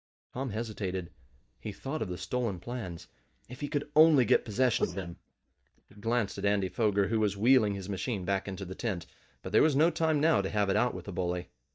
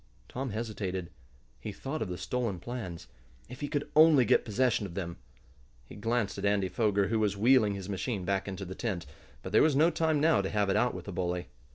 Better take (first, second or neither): second